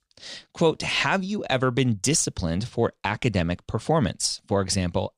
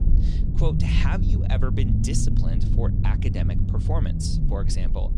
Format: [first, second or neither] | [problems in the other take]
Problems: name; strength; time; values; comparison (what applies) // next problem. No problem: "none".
first | low rumble; loud; throughout; 3 dB below the speech